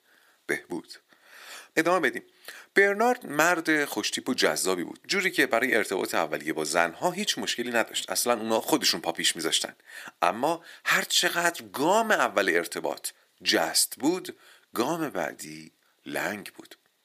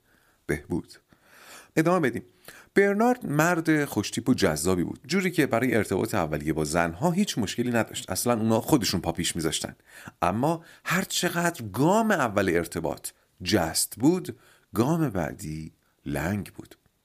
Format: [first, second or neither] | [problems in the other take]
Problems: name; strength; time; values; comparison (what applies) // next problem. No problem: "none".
second | thin; somewhat; fading below 400 Hz